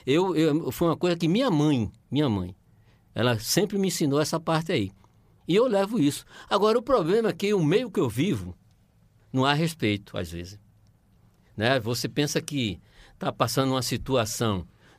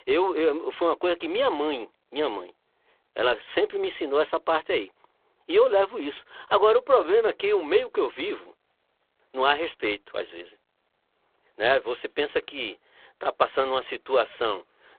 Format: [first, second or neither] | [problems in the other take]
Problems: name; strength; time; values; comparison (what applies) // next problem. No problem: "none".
first | phone-call audio; poor line